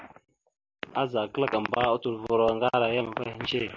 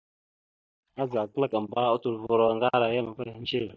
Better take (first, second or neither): first